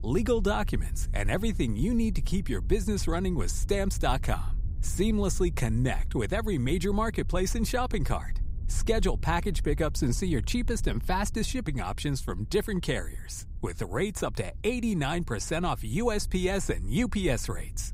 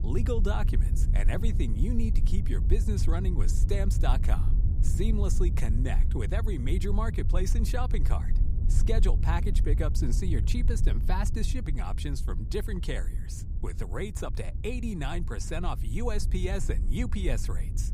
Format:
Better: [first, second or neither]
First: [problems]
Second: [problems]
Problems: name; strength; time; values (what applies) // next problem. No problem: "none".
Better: first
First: low rumble; faint; throughout; 25 dB below the speech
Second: low rumble; loud; throughout; 9 dB below the speech